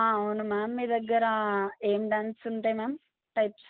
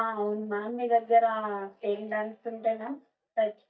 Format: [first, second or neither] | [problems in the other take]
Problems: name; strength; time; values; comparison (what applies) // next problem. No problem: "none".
first | noise reduction (neural mask model DeepFilterNet 3)